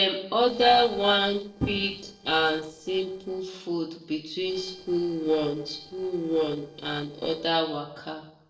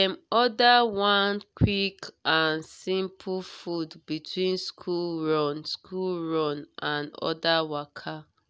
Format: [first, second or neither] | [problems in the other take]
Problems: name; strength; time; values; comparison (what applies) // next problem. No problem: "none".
second | noise reduction (neural separator model SepFormer DNS4)